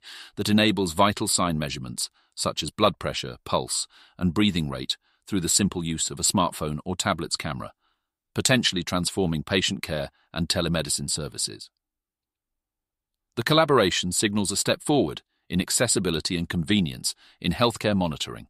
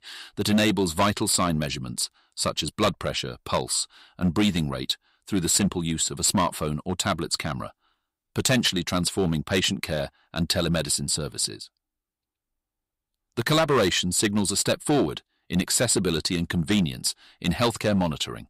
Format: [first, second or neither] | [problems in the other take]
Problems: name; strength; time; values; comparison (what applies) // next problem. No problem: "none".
first | distortion; slight; 4% of the sound clipped